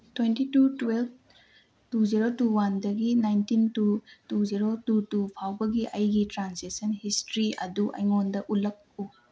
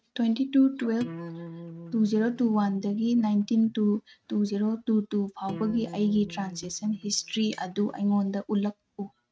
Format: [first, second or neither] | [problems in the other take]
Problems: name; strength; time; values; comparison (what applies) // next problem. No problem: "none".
first | noise reduction (neural mask model RNNoise)